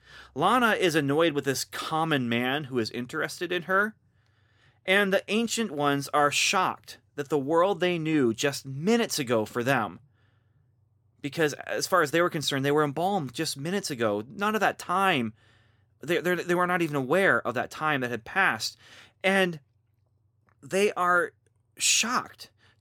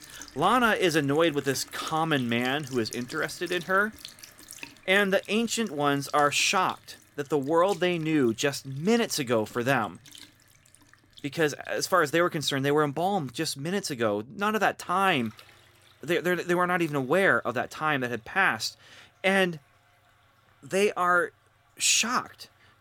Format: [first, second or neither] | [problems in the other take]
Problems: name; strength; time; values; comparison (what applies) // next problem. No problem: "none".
first | household noises; faint; throughout; 20 dB below the speech